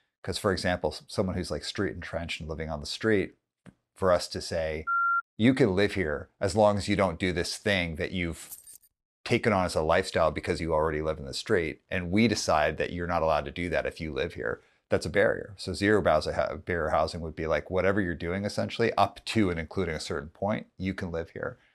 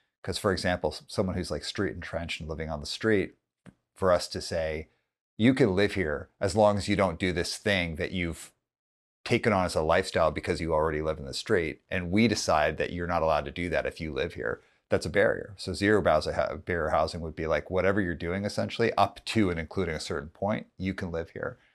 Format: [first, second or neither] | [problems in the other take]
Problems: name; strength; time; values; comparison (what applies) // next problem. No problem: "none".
second | phone ringing; loud; at 5 s; peak 3 dB above the speech // jangling keys; faint; at 8.5 s; peak 15 dB below the speech